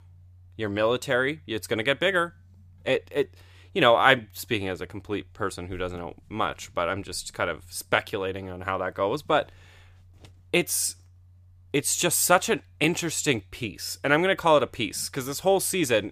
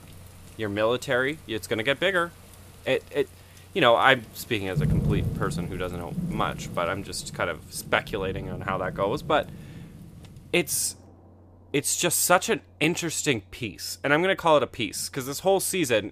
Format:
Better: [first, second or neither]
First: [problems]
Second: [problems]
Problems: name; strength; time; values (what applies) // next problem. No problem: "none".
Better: first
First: none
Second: rain or running water; loud; throughout; 8 dB below the speech